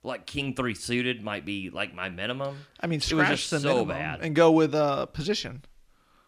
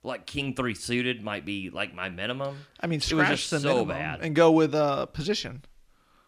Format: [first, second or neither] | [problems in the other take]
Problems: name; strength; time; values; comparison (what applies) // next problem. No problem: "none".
neither | none